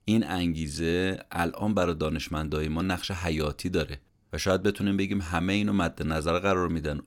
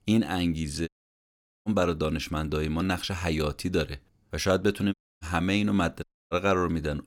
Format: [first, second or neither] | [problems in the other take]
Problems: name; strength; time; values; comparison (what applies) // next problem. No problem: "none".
first | audio cutting out; at 1 s for 1 s, at 5 s and at 6 s